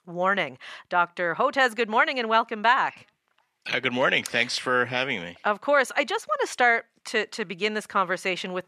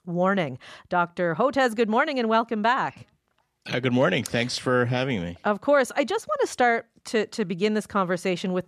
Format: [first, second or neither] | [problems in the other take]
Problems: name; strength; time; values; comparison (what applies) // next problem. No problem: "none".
second | thin; somewhat; fading below 900 Hz